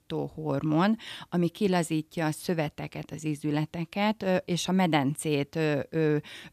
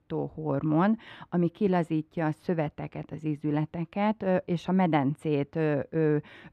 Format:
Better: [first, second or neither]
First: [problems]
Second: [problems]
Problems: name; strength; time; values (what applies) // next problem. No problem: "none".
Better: first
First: none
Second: muffled; very; fading above 3.5 kHz